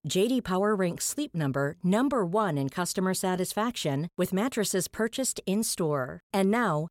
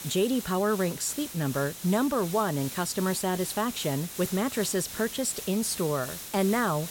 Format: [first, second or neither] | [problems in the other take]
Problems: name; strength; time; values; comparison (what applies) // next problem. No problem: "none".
first | hiss; loud; throughout; 9 dB below the speech